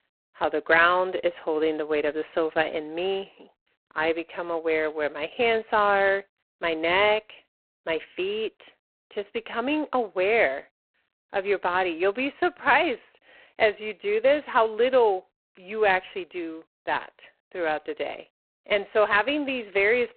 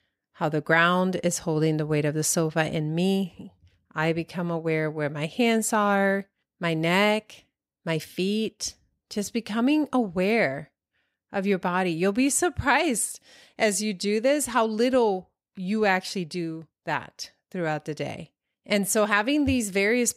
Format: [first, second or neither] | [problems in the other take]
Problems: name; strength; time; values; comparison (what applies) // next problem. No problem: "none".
second | phone-call audio; poor line; nothing above 4 kHz